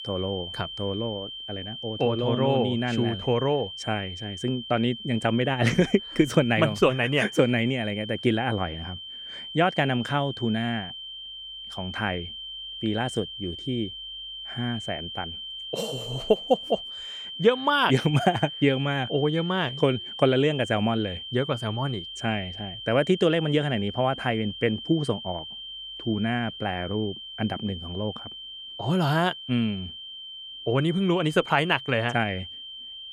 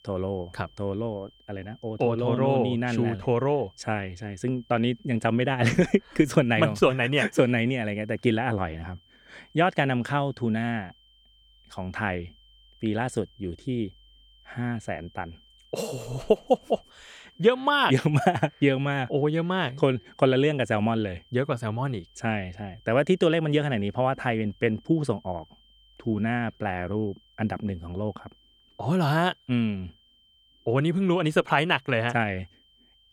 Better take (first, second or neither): second